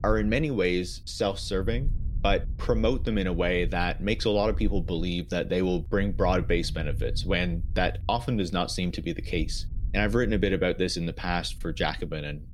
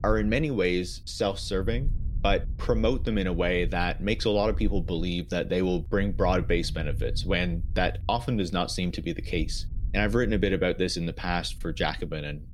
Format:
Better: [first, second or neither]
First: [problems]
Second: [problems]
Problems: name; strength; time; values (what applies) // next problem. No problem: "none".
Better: neither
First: low rumble; faint; throughout; 25 dB below the speech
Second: low rumble; faint; throughout; 25 dB below the speech